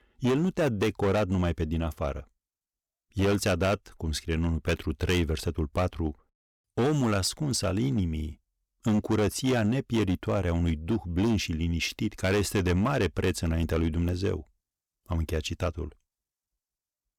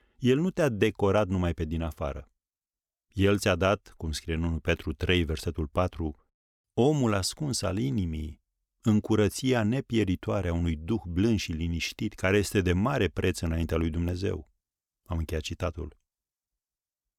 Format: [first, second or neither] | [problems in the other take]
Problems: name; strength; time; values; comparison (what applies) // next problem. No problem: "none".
second | distortion; slight; 8% of the sound clipped